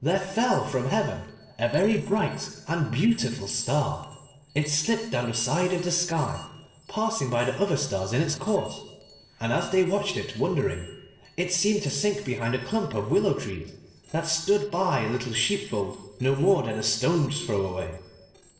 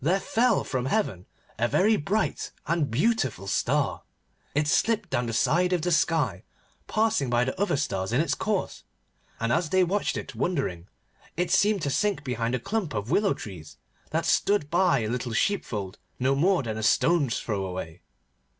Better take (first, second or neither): second